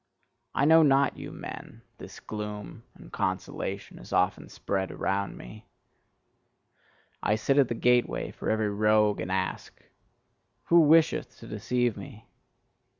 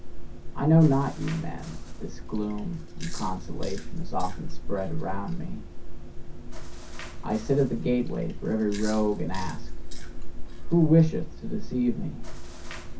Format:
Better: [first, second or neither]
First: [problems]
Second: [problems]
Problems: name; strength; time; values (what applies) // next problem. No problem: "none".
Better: first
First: none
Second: background sound (Chewing, mastication); 1 dB below the speech // room echo; dies away in 0.3 s